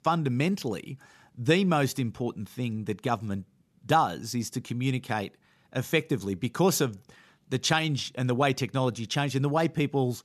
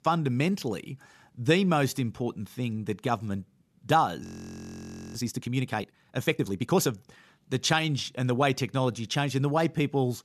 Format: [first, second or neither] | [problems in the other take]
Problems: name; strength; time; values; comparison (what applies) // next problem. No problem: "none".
first | audio freezing; at 4 s for 1 s